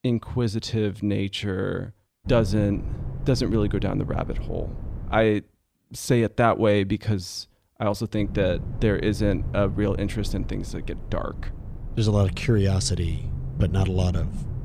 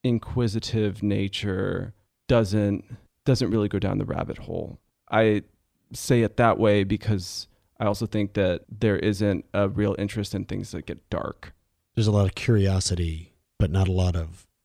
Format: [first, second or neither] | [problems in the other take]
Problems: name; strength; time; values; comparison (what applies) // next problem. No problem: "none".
second | low rumble; noticeable; from 2.5 to 5 s and from 8 s on; 15 dB below the speech